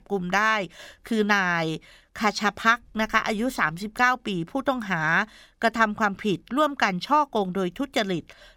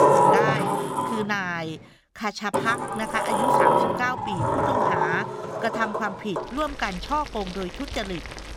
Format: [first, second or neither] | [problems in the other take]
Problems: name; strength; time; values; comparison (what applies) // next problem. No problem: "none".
first | household noises; very loud; throughout; 5 dB above the speech